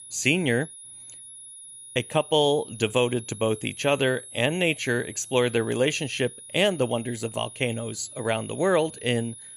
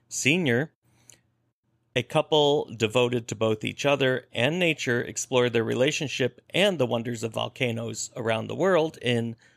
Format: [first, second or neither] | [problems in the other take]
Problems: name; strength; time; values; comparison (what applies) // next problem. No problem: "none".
second | high-pitched whine; noticeable; throughout; 10.5 kHz, 15 dB below the speech